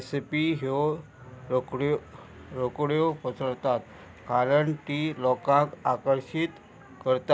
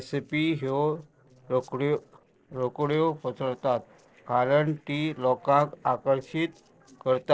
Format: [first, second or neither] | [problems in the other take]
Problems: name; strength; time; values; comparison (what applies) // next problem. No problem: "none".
first | noise reduction (neural separator model SepFormer DNS4)